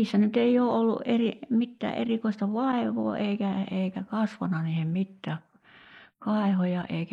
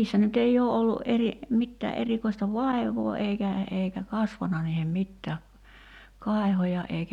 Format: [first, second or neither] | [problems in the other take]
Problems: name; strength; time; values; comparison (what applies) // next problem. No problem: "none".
second | noise reduction (neural mask model Resemble Enhance denoiser)